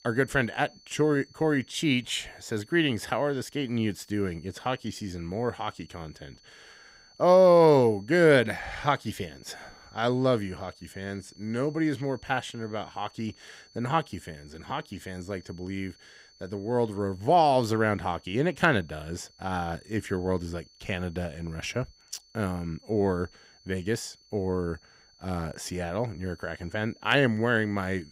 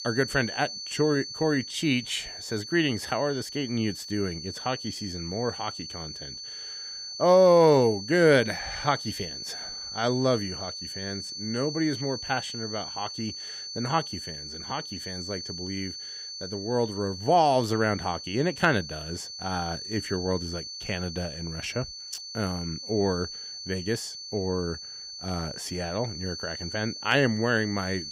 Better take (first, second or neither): first